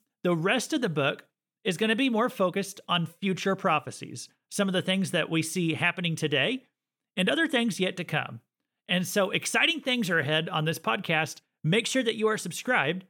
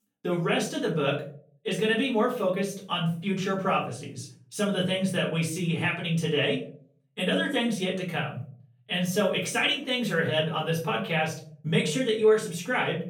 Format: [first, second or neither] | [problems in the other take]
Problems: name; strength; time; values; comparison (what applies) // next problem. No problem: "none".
first | off-mic speech; far // room echo; slight; dies away in 0.4 s